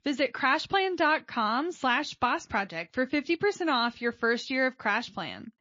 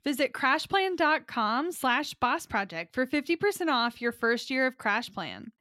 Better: second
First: garbled, watery; slightly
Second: none

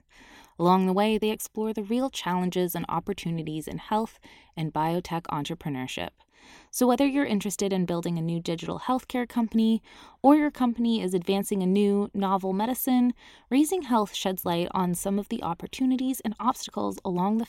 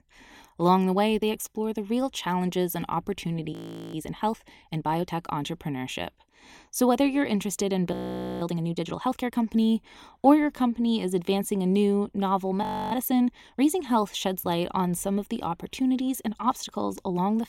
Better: first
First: none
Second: audio freezing; at 3.5 s, at 8 s and at 13 s

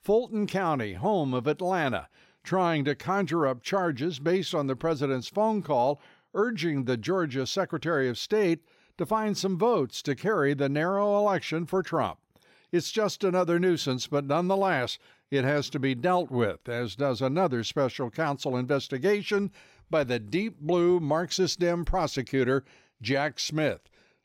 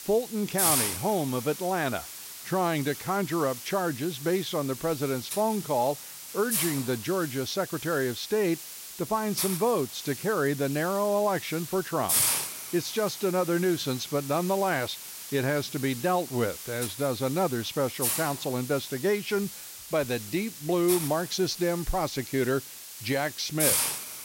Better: first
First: none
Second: hiss; loud; throughout; 4 dB below the speech

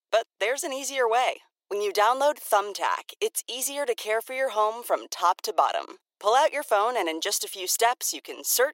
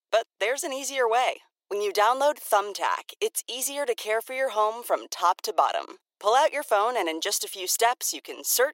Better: neither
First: thin; very; fading below 400 Hz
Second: thin; very; fading below 400 Hz

